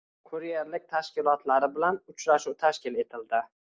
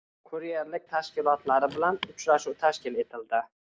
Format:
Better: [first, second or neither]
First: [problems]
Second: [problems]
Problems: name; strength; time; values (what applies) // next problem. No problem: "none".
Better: first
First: none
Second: background sound (Car); 18 dB below the speech